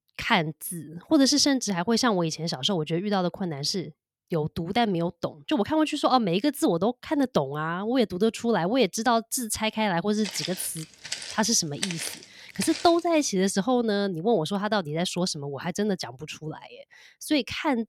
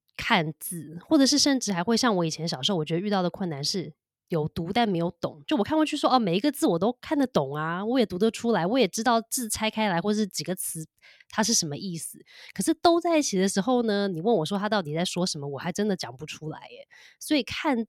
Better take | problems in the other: second | footsteps; noticeable; from 10 to 13 s; peak 6 dB below the speech

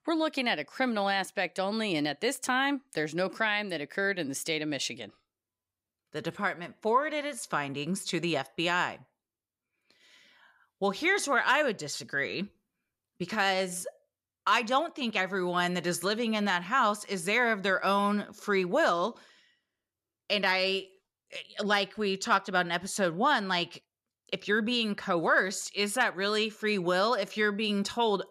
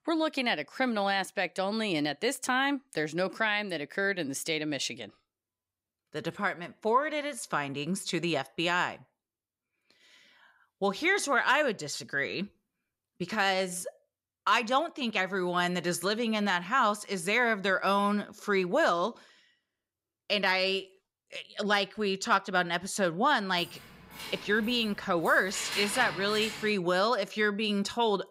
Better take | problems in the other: first | jangling keys; noticeable; from 24 to 27 s; peak 4 dB below the speech

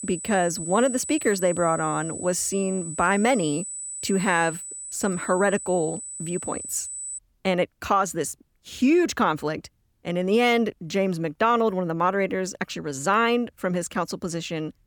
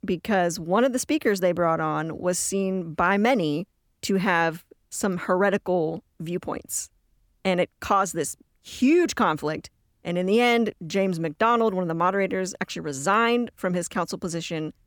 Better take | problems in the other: second | high-pitched whine; loud; until 7 s; 8 kHz, 8 dB below the speech

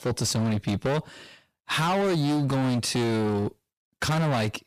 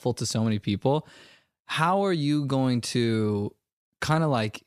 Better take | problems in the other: second | distortion; heavy; 28% of the sound clipped

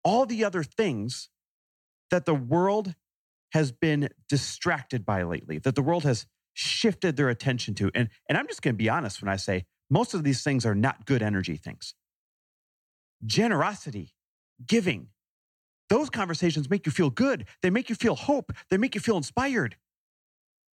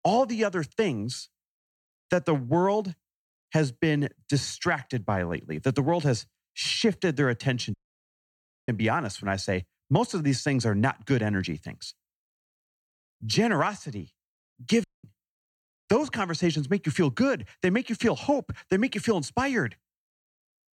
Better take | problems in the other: first | audio cutting out; at 7.5 s for 1 s and at 15 s

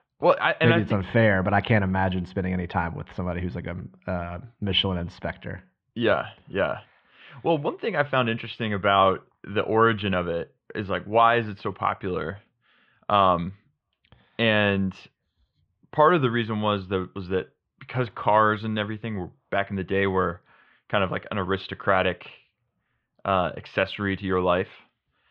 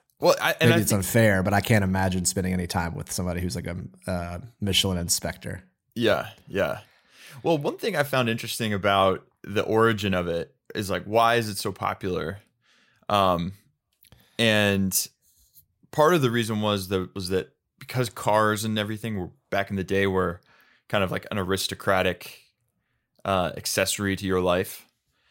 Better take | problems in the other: second | muffled; very; fading above 3 kHz

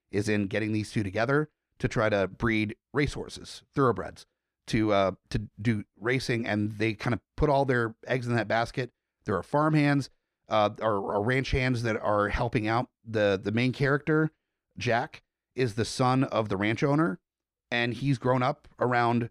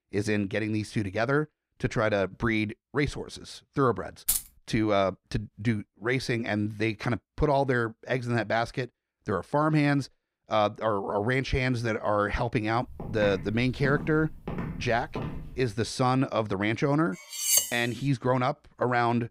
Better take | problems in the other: first | jangling keys; loud; at 4.5 s; peak 1 dB above the speech // footsteps; noticeable; from 13 to 16 s; peak 8 dB below the speech // clattering dishes; loud; at 17 s; peak 5 dB above the speech

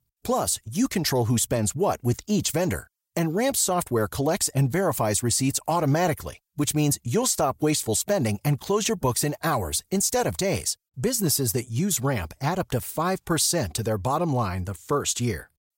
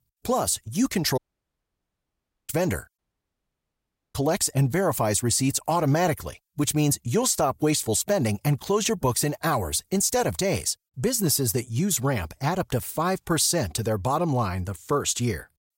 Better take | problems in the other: first | audio cutting out; at 1 s for 1.5 s and at 3 s for 1 s

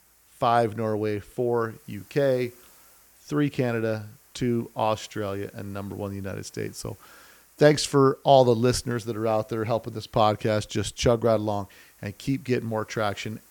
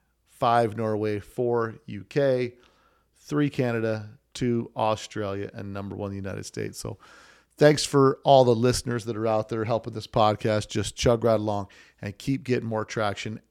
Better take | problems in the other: second | hiss; faint; throughout; 30 dB below the speech

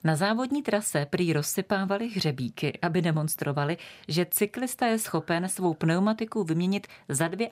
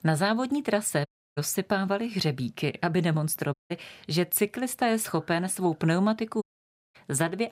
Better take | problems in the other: first | audio cutting out; at 1 s, at 3.5 s and at 6.5 s for 0.5 s

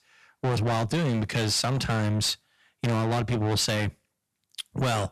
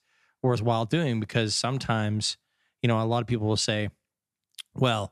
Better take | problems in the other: second | distortion; heavy; 6 dB below the speech

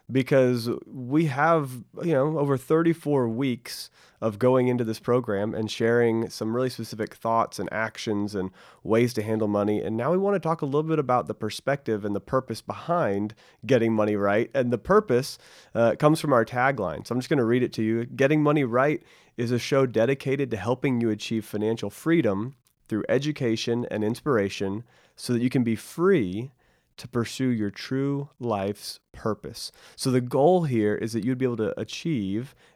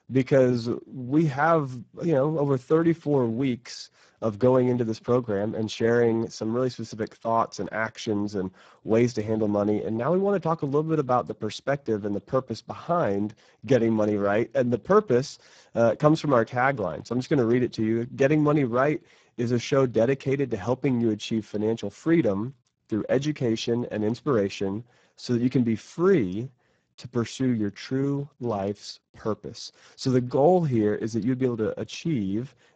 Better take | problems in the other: first | garbled, watery; badly; nothing above 7.5 kHz

